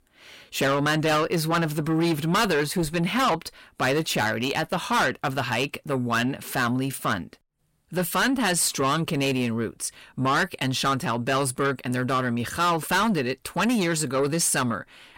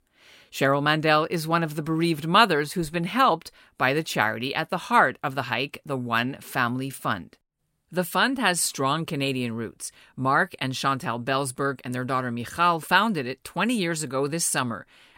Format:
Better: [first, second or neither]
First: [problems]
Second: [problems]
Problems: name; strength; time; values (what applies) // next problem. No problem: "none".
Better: second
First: distortion; heavy; 6 dB below the speech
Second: none